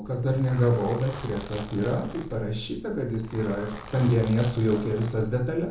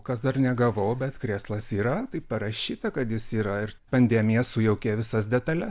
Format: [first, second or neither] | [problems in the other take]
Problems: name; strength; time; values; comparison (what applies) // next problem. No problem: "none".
second | background sound (Zipper (clothing)); 15 dB below the speech // room echo; dies away in 0.9 s